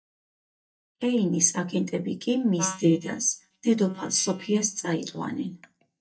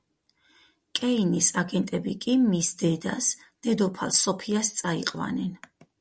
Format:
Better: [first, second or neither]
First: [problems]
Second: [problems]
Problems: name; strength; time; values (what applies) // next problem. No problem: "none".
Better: second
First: noise reduction (neural mask model DeepFilterNet 3)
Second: none